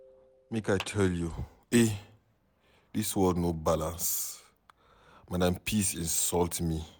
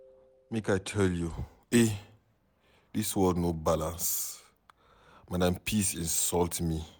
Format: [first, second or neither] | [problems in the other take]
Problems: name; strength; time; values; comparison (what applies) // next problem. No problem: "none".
second | background sound (Clapping); 17 dB below the speech